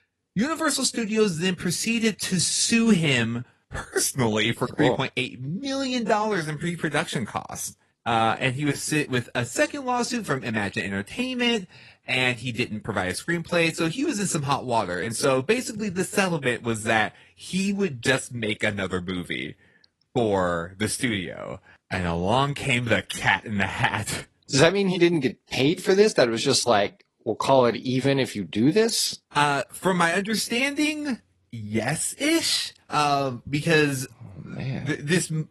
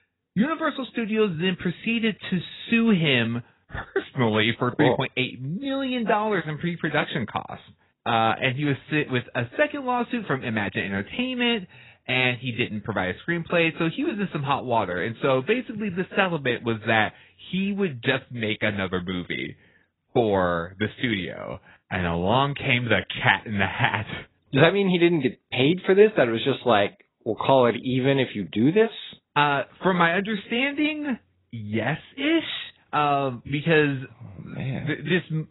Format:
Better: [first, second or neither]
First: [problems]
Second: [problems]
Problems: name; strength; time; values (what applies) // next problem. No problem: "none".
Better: first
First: garbled, watery; slightly; nothing above 11.5 kHz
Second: garbled, watery; badly; nothing above 4 kHz